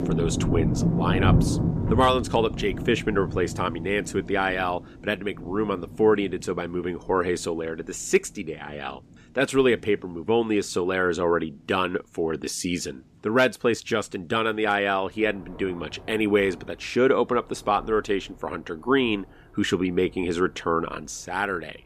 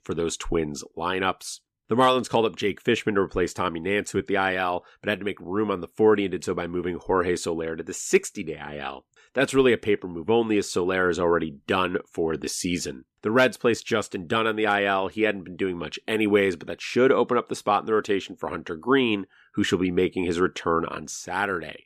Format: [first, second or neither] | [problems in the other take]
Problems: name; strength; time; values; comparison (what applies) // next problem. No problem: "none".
second | rain or running water; loud; throughout; 3 dB below the speech